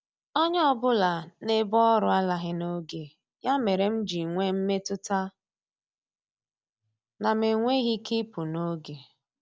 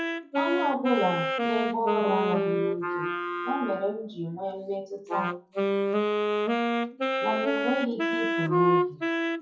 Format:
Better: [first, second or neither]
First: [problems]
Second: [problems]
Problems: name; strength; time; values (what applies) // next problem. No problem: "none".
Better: first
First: none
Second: noise reduction (classical method WPE with log-MMSE)